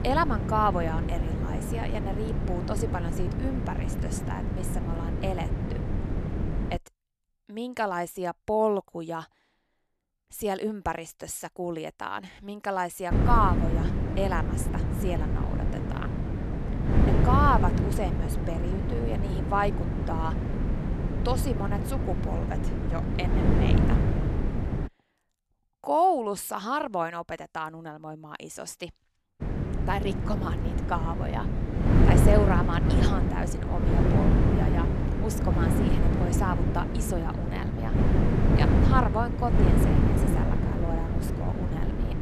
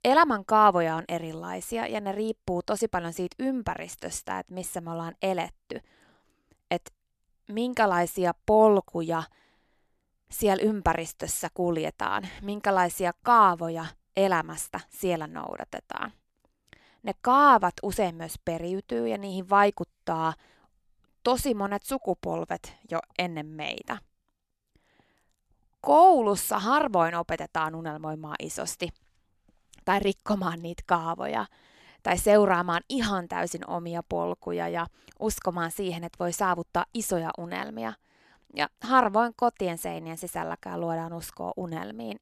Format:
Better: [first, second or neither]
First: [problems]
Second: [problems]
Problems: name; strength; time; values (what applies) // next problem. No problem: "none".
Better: second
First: wind noise on the microphone; heavy; until 7 s, from 13 to 25 s and from 29 s on; 4 dB below the speech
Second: none